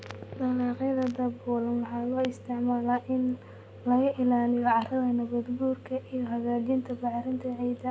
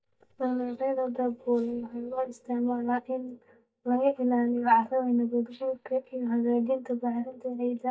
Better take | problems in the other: first | noise reduction (neural mask model DeepFilterNet 3)

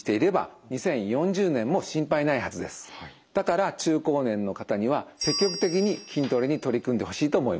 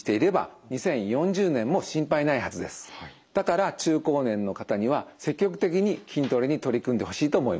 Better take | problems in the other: second | background sound (Bell); 10 dB below the speech

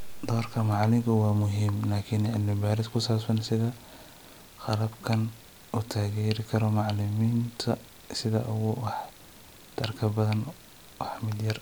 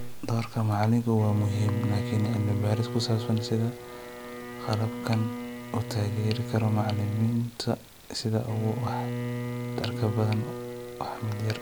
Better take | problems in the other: first | background sound (Bowed string instrument); 7 dB below the speech

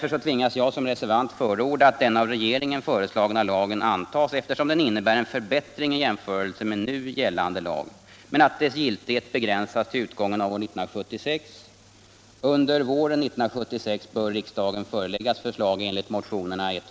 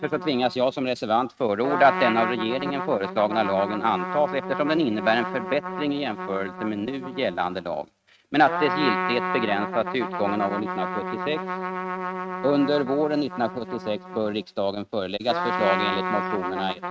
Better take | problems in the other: first | noise reduction (neural mask model RNNoise)

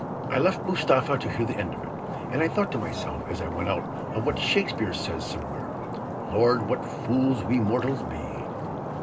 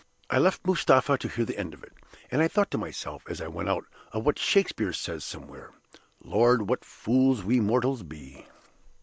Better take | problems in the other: second | background sound (Stream); 4 dB below the speech // room echo; dies away in 0.2 s

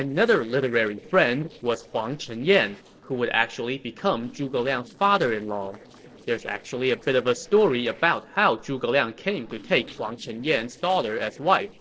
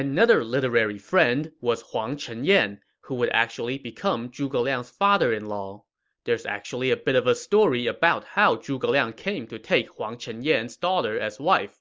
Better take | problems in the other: second | noise reduction (neural separator model SepFormer DNS4)

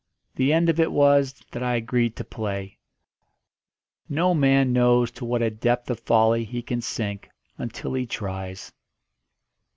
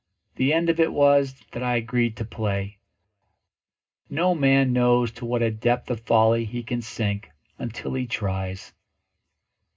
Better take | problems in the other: first | room echo; dies away in 0.2 s

